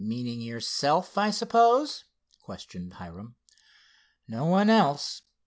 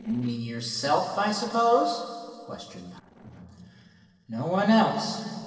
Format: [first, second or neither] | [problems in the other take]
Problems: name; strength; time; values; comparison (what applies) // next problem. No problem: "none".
first | noise reduction (neural separator model SepFormer DNS4)